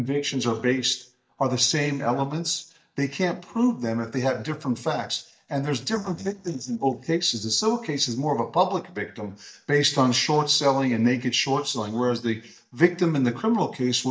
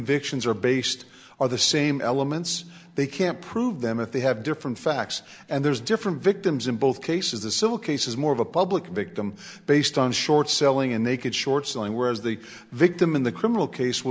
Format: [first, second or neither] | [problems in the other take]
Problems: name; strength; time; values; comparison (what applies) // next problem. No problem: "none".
second | noise reduction (neural mask model DeepFilterNet 3)